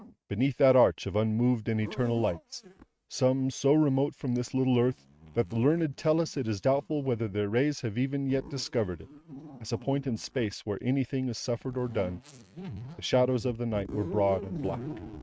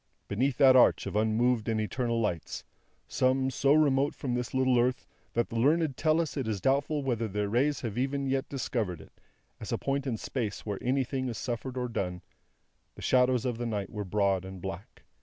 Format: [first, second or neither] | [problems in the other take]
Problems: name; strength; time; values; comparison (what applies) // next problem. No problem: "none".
second | noise reduction (neural mask model RNNoise)